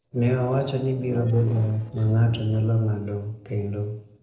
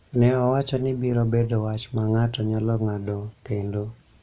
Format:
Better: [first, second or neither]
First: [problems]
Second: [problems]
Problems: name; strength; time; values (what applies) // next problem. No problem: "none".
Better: second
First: noise reduction (neural separator model SepFormer DNS4)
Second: none